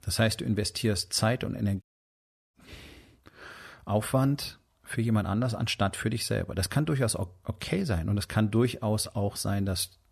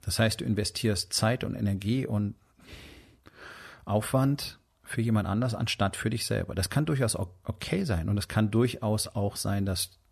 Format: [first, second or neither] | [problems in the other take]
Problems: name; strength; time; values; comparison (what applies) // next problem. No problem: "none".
second | audio cutting out; at 2 s for 0.5 s